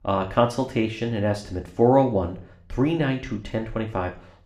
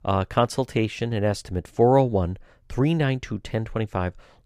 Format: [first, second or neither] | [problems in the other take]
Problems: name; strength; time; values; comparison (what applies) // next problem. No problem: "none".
second | room echo; slight; dies away in 0.4 s // off-mic speech; somewhat distant